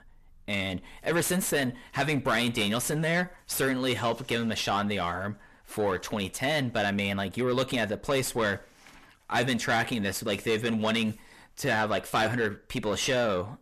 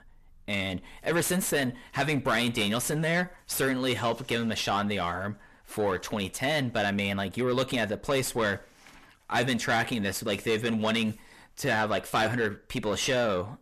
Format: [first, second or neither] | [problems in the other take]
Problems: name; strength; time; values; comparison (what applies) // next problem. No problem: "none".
neither | distortion; heavy; 7 dB below the speech; the same in both